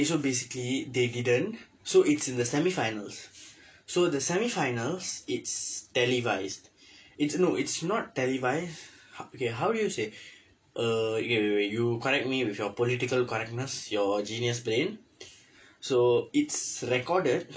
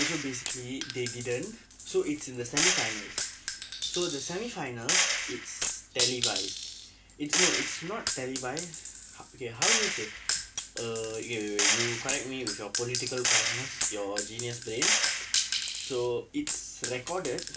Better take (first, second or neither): first